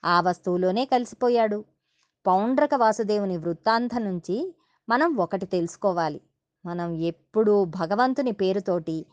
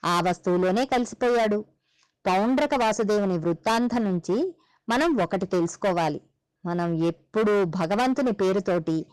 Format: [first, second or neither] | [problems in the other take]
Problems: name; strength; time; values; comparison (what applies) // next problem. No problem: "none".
first | distortion; heavy; 20% of the sound clipped